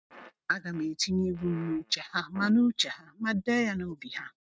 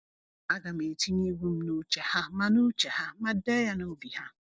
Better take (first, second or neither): second